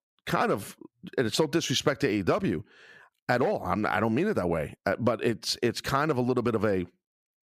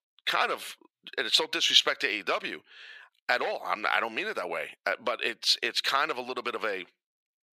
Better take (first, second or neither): first